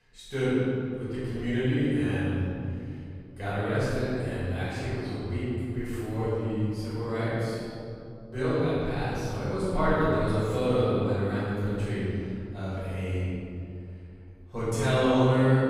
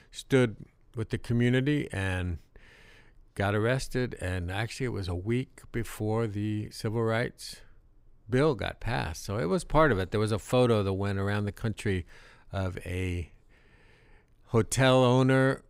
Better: second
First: off-mic speech; far // room echo; strong; dies away in 2.5 s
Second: none

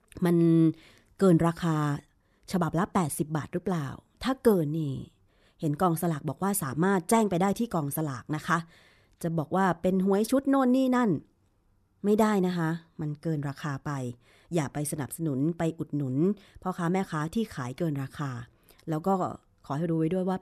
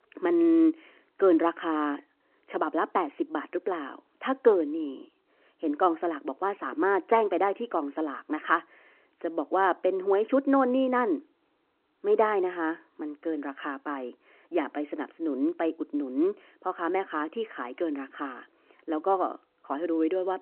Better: first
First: none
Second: phone-call audio

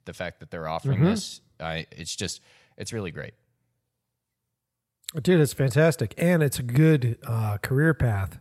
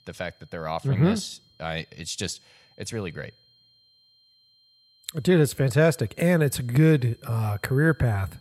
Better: first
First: none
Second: high-pitched whine; faint; throughout; 4 kHz, 35 dB below the speech

